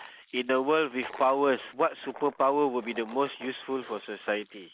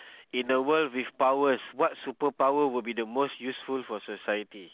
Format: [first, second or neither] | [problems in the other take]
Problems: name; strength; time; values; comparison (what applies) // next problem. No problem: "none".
second | noise reduction (neural mask model Resemble Enhance denoiser)